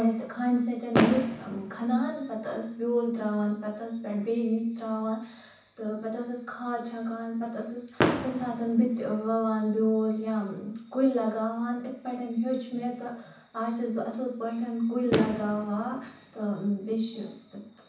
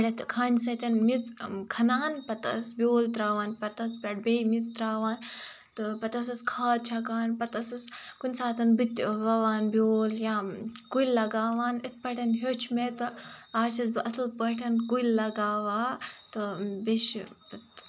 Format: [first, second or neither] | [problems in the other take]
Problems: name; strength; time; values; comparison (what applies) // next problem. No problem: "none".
second | background sound (Fireworks); 8 dB below the speech // room echo; dies away in 0.7 s